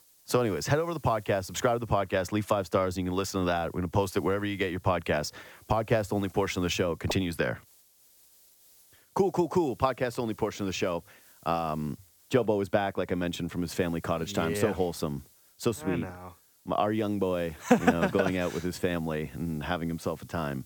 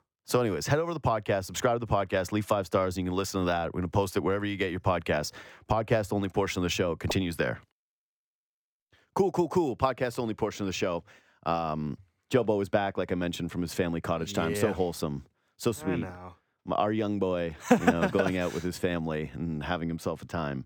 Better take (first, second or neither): second